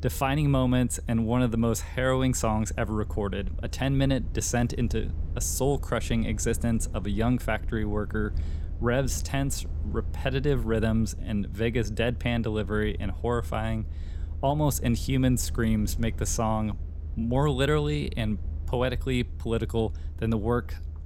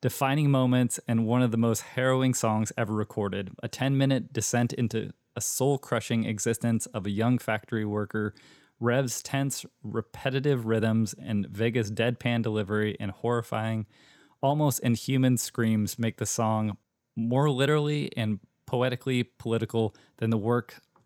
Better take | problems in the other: second | low rumble; faint; throughout; 20 dB below the speech

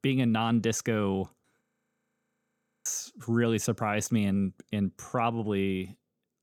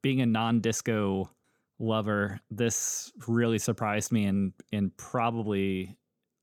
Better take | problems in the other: second | audio freezing; at 1.5 s for 1 s

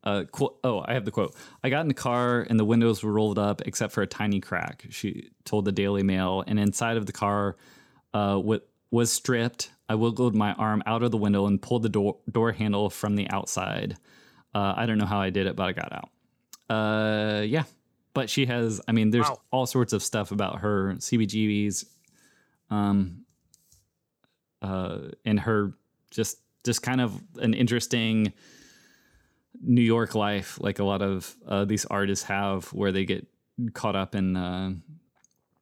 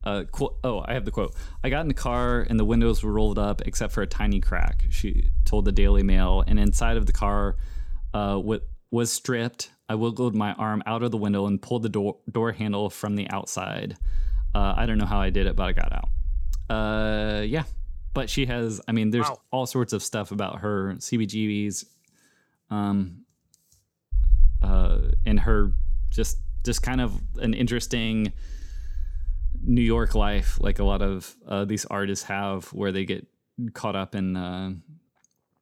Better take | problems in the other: first | low rumble; faint; until 8.5 s, from 14 to 19 s and from 24 to 31 s; 25 dB below the speech

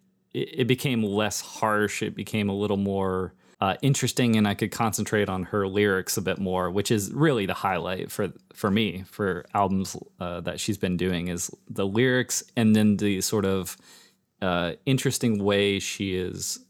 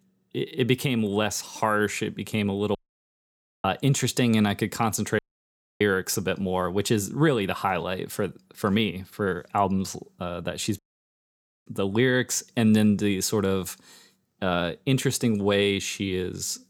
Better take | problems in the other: first | audio cutting out; at 3 s for 1 s, at 5 s for 0.5 s and at 11 s for 1 s

